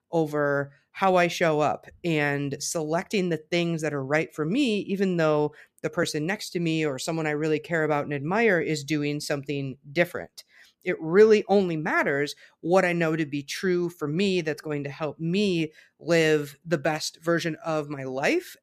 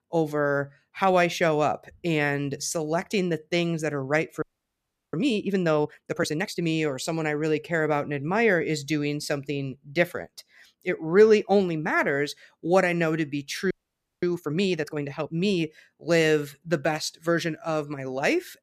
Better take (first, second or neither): first